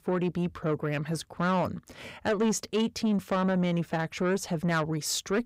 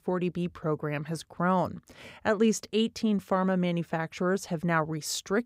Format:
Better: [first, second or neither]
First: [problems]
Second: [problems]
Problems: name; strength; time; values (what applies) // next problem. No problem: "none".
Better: second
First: distortion; slight; 10 dB below the speech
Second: none